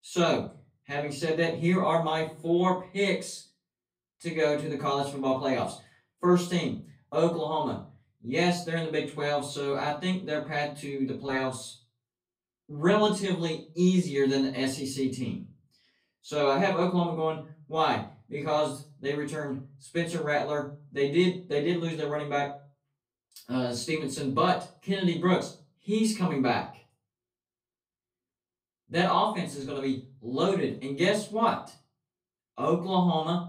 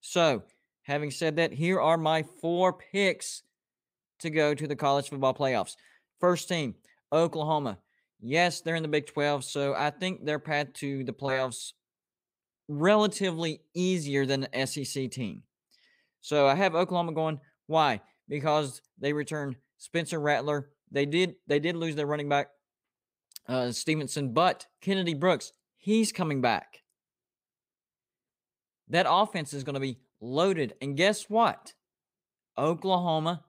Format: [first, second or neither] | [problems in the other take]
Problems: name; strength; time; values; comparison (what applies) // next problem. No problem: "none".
second | room echo; slight; dies away in 0.3 s // off-mic speech; far